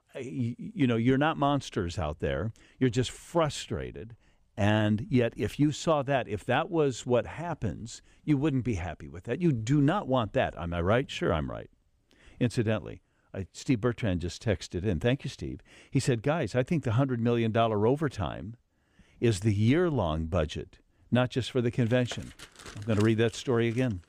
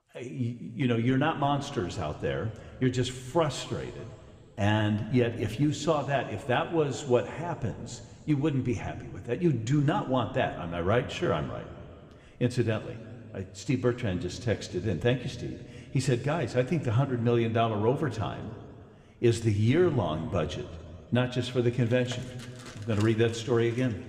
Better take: first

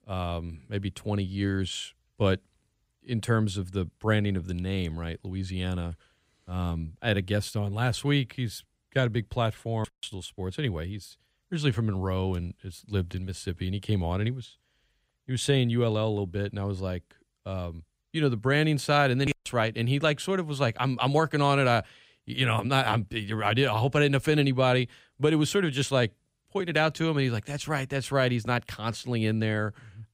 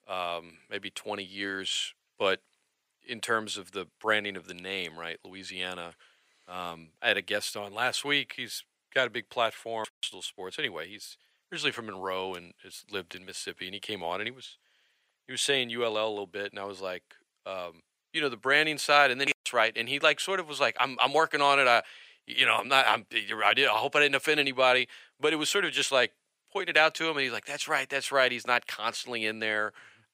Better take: first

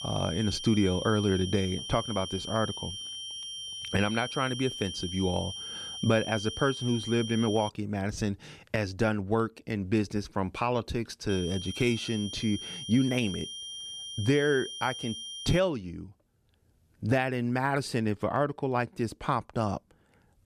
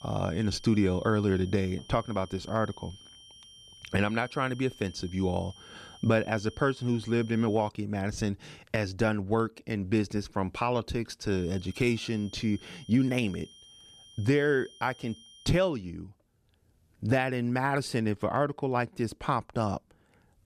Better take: second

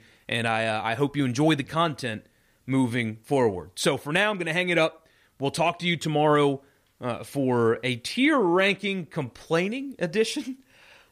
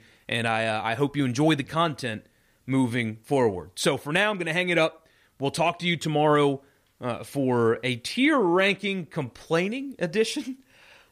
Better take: neither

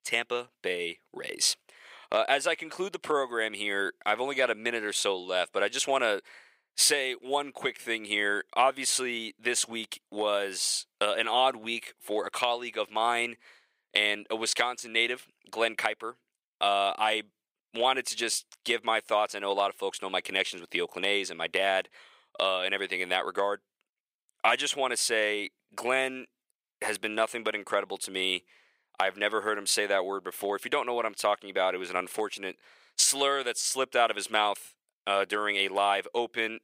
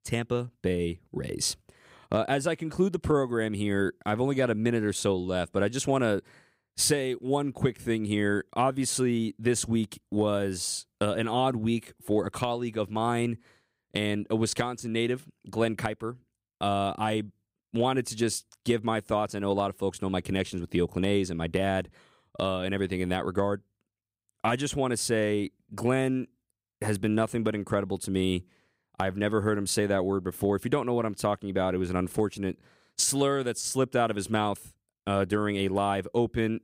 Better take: second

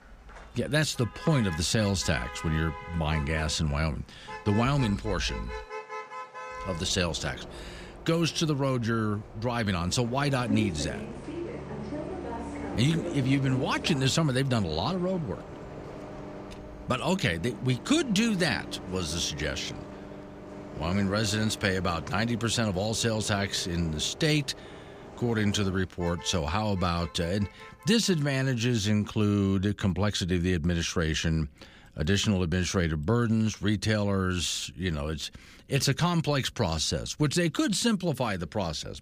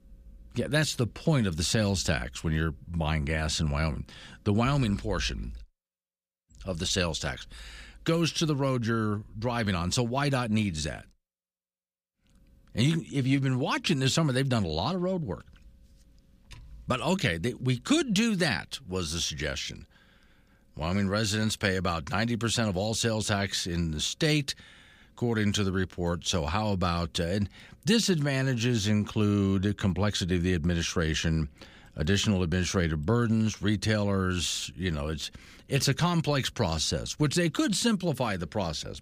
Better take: second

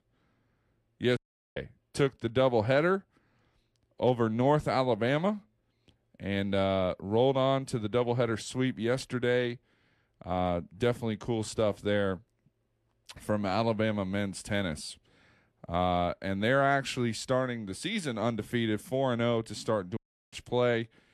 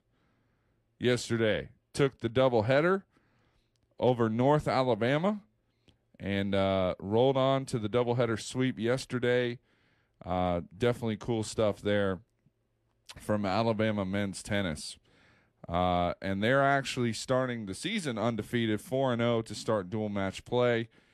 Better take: second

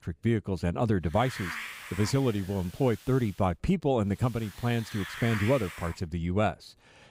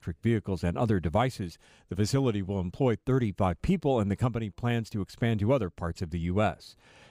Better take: second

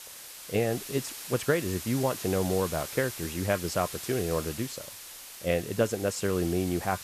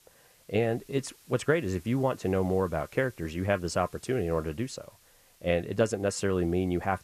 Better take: second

